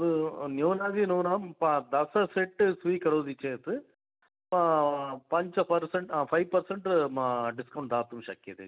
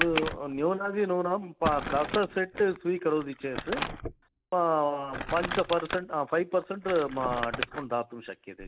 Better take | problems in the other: first | background sound (Crumpling, crinkling); 8 dB below the speech

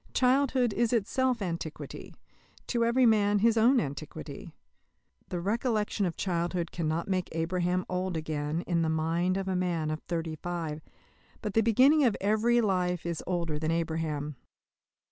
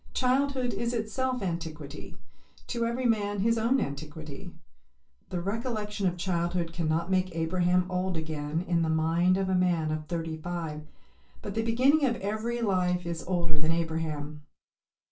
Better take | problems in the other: first | room echo; dies away in 0.2 s

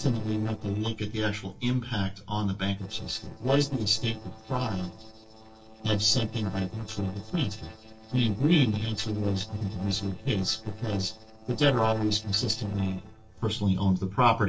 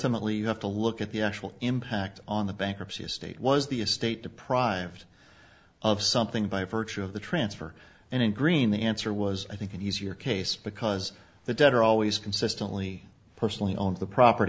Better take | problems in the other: second | noise reduction (neural separator model SepFormer DNS4)

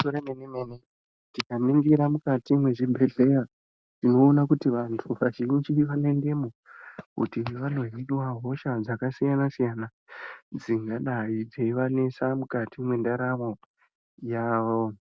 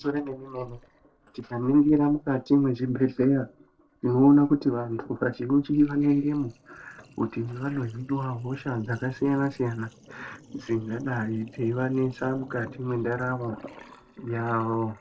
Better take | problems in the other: first | noise reduction (neural separator model SepFormer DNS4)

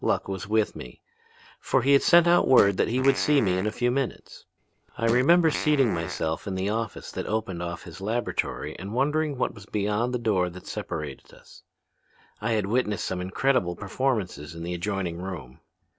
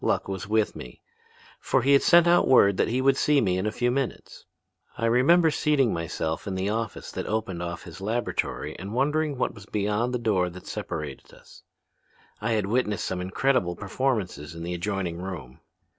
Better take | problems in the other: second | background sound (Fart); 12 dB below the speech

